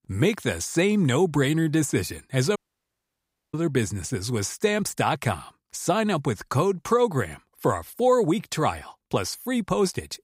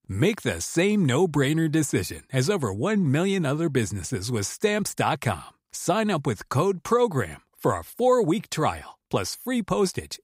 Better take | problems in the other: second | audio cutting out; at 2.5 s for 1 s

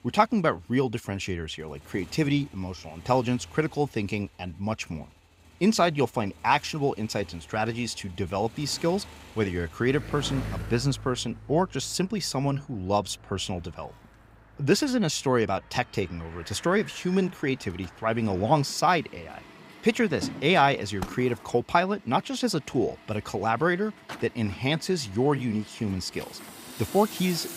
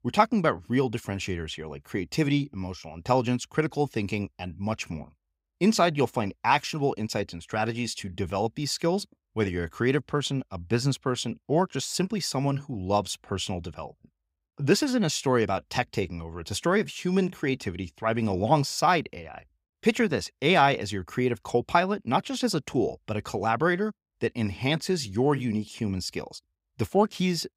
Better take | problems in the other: second | traffic noise; noticeable; throughout; 15 dB below the speech

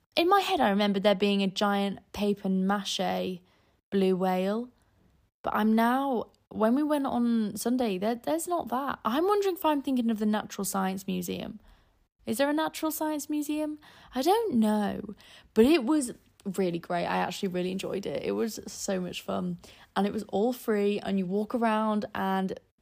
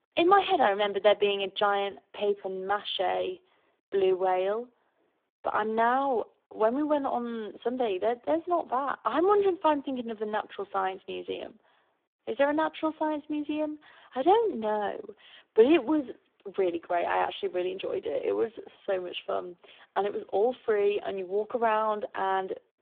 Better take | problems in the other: first | phone-call audio; poor line; nothing above 3.5 kHz

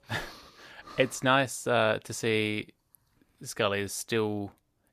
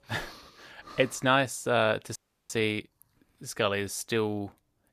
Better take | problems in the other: first | audio freezing; at 2 s

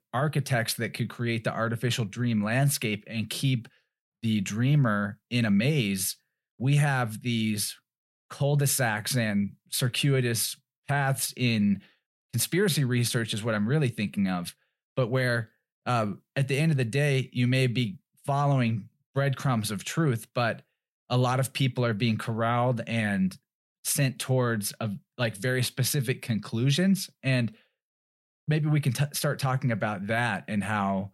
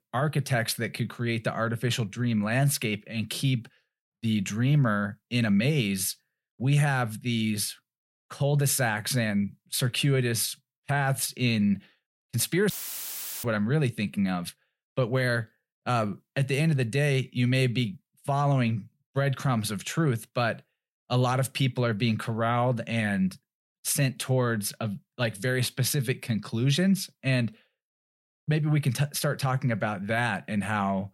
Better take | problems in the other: first | audio cutting out; filled with static; at 13 s for 0.5 s

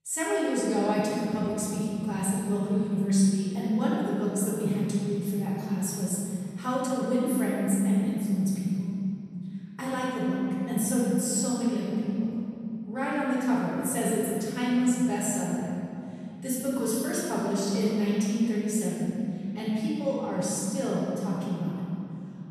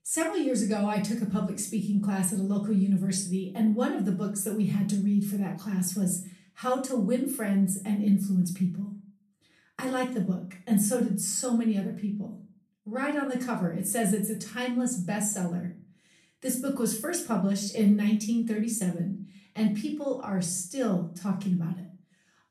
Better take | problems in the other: second | room echo; strong; dies away in 3 s; slight in the second // off-mic speech; far; far in the second

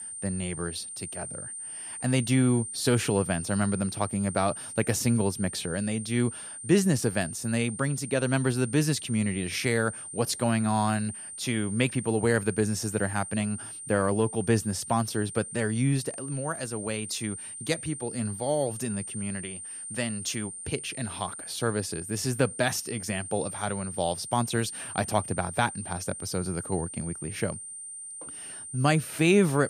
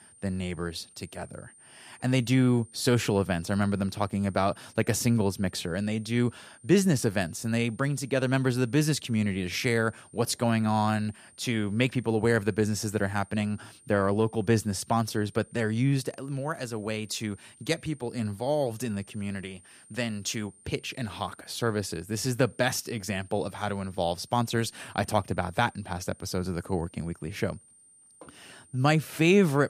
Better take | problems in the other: second | high-pitched whine; loud; throughout; 9 kHz, 8 dB below the speech; faint in the second

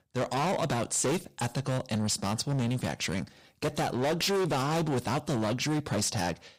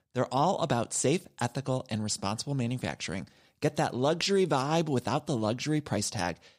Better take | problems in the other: second | distortion; heavy; 22% of the sound clipped

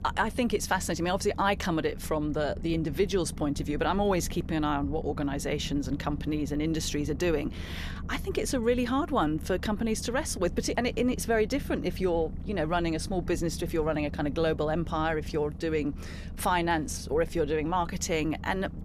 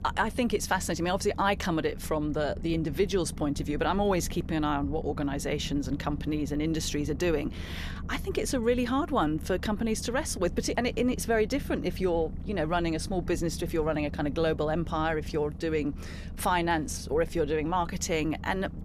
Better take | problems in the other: neither | low rumble; faint; throughout; 20 dB below the speech; the same in both

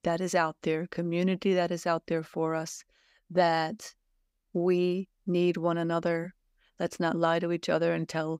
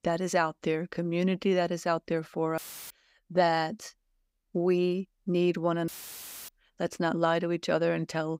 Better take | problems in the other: first | audio cutting out; filled with static; at 2.5 s and at 6 s for 0.5 s

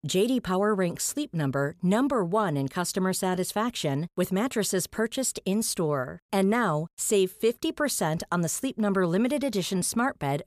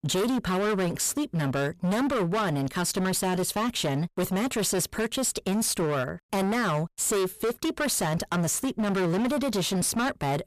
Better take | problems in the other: first | distortion; heavy; 28% of the sound clipped

